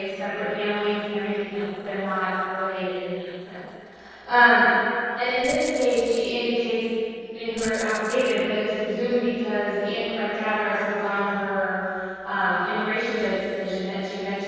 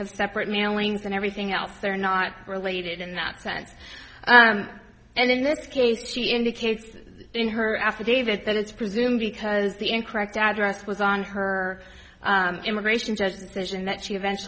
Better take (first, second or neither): second